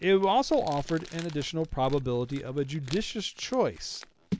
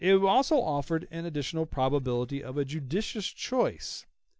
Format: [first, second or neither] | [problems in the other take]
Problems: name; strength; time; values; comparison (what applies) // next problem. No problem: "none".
second | background sound (Crumpling, crinkling); 16 dB below the speech